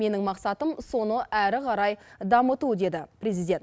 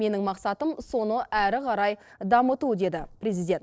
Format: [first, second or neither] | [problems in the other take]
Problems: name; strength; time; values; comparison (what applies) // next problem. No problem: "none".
first | noise reduction (neural separator model SepFormer DNS4)